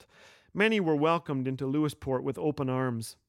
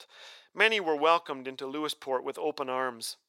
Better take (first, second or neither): first